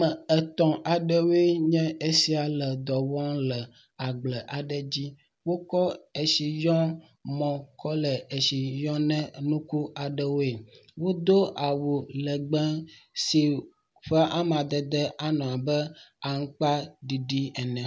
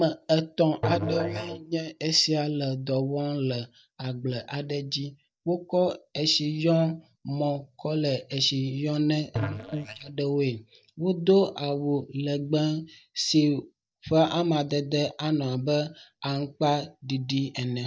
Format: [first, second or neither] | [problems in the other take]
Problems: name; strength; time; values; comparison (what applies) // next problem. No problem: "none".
first | noise reduction (neural mask model DeepFilterNet 3)